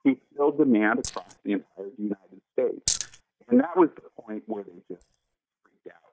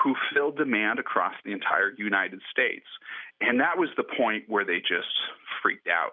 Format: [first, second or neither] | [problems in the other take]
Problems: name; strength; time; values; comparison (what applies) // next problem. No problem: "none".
second | noise reduction (neural mask model DeepFilterNet 3)